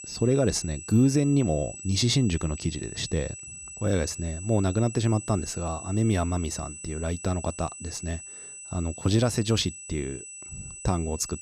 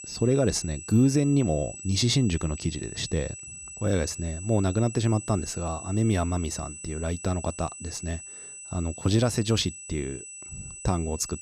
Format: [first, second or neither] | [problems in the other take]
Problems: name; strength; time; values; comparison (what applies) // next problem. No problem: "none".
neither | high-pitched whine; noticeable; throughout; 8 kHz, 10 dB below the speech; the same in both